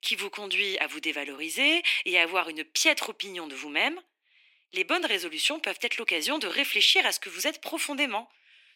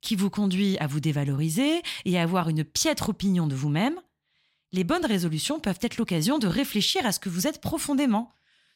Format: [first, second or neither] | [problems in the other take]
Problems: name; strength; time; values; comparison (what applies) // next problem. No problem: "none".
second | thin; very; fading below 300 Hz